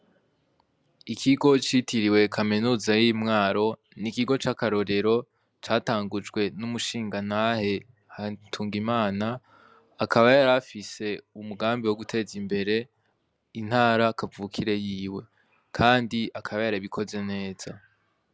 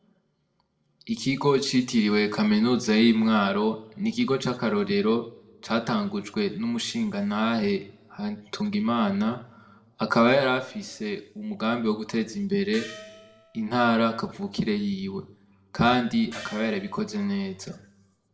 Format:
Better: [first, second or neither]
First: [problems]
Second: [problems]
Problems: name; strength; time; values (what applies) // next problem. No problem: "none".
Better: first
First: none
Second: noise reduction (neural separator model SepFormer DNS4)